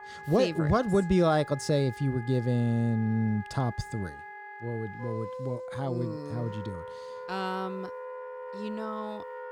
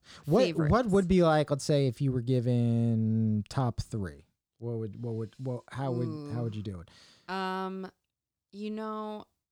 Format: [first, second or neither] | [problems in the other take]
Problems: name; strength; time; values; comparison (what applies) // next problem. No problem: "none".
second | background music; noticeable; throughout; 10 dB below the speech